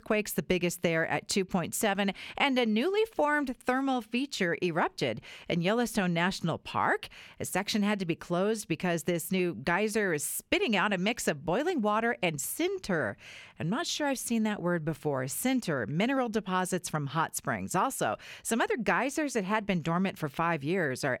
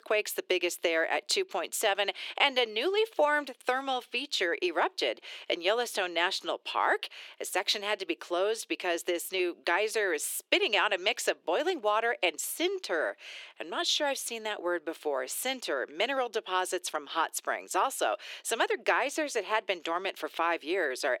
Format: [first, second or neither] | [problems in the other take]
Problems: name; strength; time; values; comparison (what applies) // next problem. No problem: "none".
first | thin; very; fading below 350 Hz